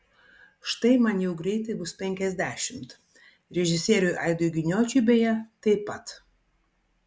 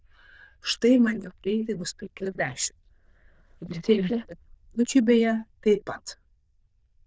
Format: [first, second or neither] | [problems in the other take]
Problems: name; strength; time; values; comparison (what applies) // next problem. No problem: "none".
first | noise reduction (neural diffusion model UNIVERSE++)